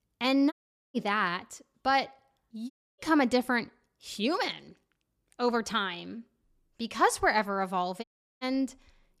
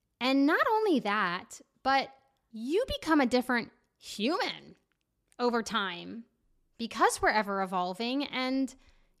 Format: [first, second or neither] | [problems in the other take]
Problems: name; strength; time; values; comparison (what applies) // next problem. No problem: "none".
second | audio cutting out; at 0.5 s, at 2.5 s and at 8 s